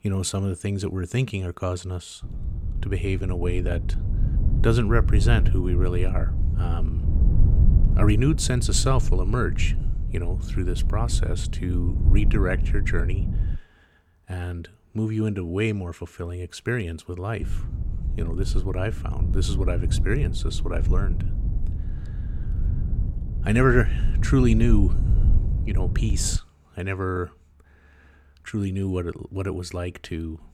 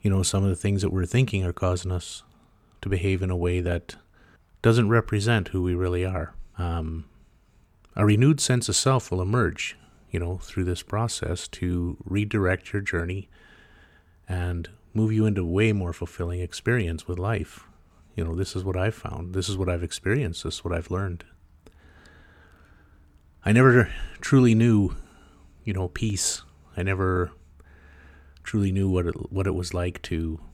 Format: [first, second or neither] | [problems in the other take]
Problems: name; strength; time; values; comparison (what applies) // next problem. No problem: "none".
second | low rumble; noticeable; from 2 to 14 s and from 17 to 26 s; 10 dB below the speech